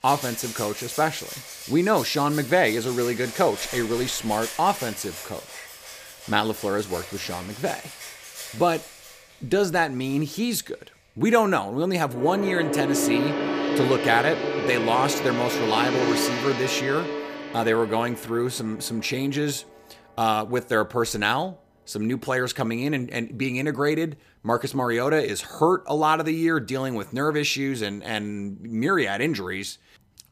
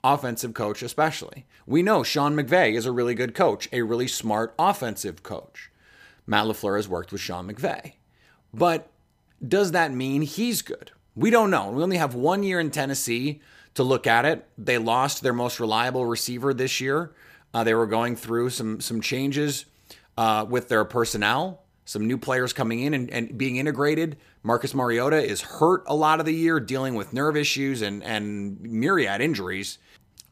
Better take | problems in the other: second | background music; loud; throughout; 5 dB below the speech

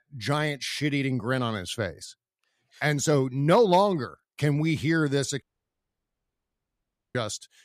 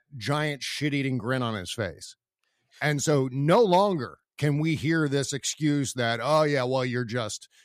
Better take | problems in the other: second | audio cutting out; at 5.5 s for 1.5 s

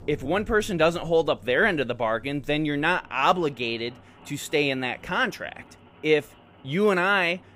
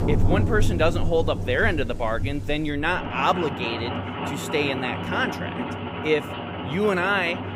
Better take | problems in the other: first | rain or running water; loud; throughout; 4 dB below the speech; faint in the first

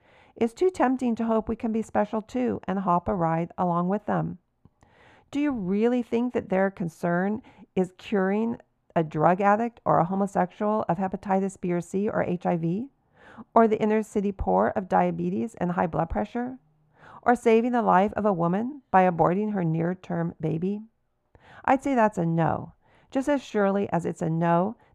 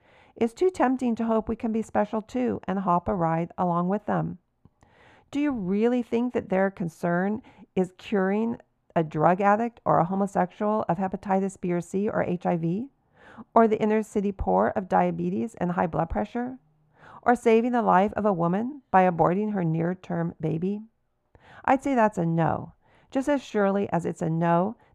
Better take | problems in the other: neither | muffled; very; fading above 3 kHz; the same in both

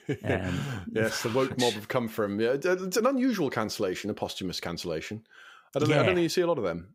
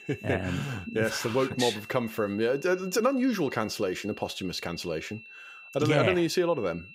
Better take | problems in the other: first | high-pitched whine; noticeable; throughout; 2.5 kHz, 15 dB below the speech

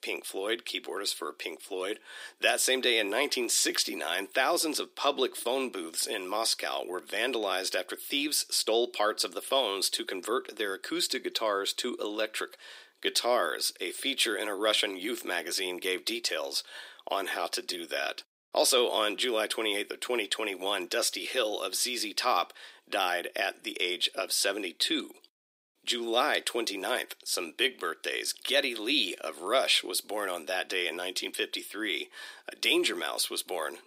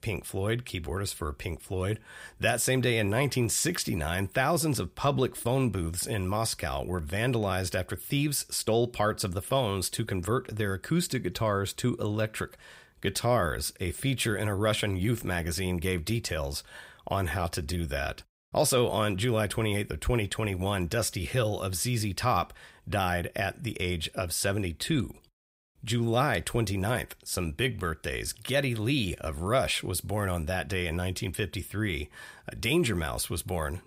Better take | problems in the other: second | thin; somewhat; fading below 300 Hz

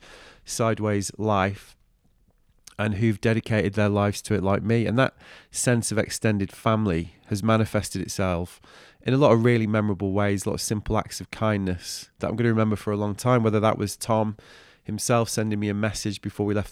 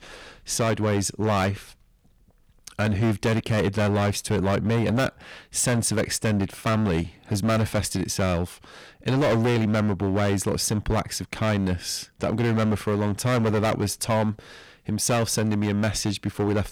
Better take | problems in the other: first | distortion; heavy; 15% of the sound clipped

